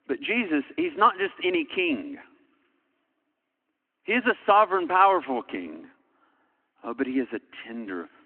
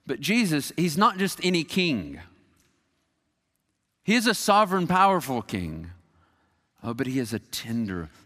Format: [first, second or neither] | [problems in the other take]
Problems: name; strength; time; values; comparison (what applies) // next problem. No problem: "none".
second | phone-call audio